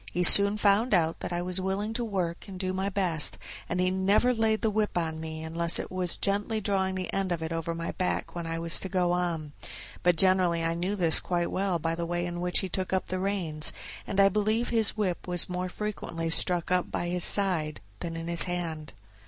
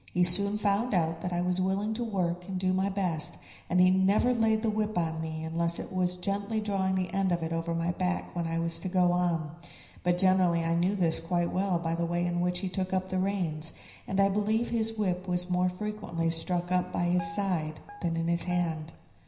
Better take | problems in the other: first | background sound (Guitar); 17 dB below the speech // room echo; dies away in 0.9 s

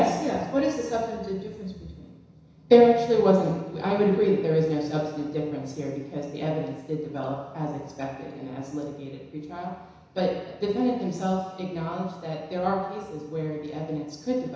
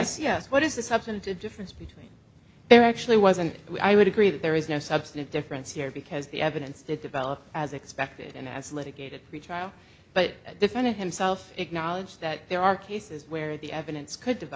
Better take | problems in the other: second | room echo; dies away in 1 s

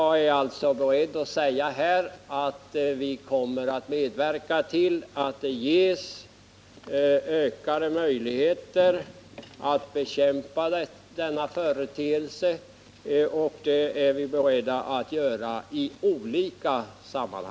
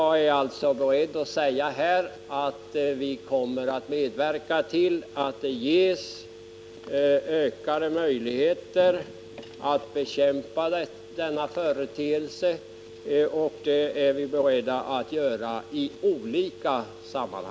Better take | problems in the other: first | background sound (Telephone); 19 dB below the speech

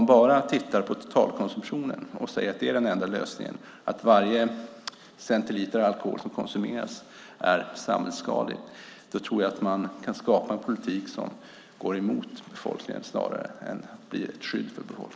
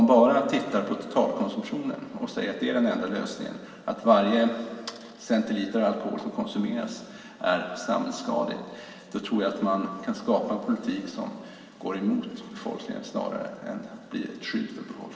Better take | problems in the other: first | room echo; dies away in 1.9 s

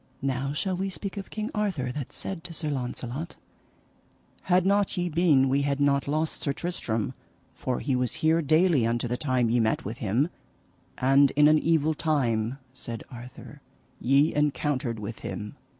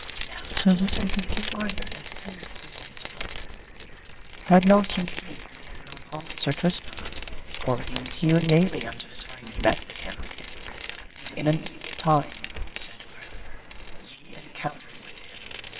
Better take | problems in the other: first | noise reduction (neural separator model SepFormer WHAMR!)

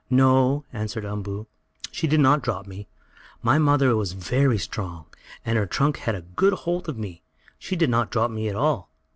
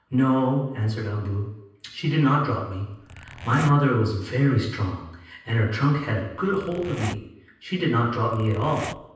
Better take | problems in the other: first | background sound (Zipper (clothing)); 13 dB below the speech // room echo; dies away in 0.9 s

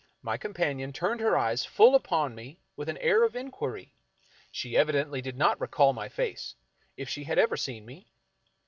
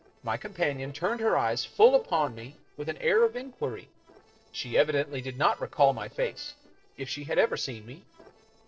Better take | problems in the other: first | noise reduction (neural separator model SepFormer DNS4)

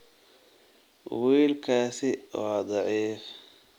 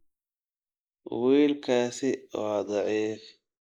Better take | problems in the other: first | noise reduction (neural mask model Resemble Enhance denoiser)

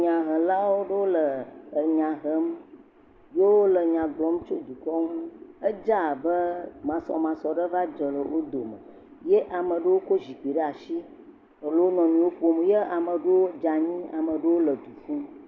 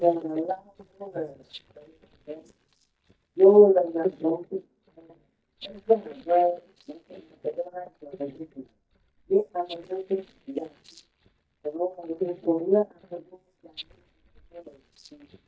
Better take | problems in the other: first | noise reduction (neural mask model DeepFilterNet 3)

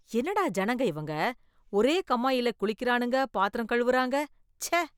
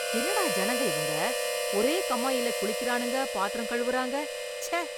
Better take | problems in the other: first | background sound (Harmonica); as loud as the speech

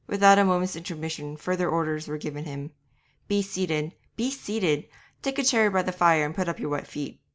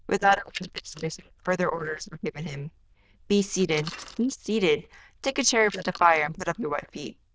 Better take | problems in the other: first | noise reduction (neural diffusion model UNIVERSE++)

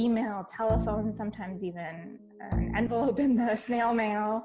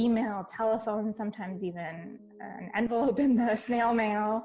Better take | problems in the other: second | background sound (Bowed string instrument); 7 dB below the speech

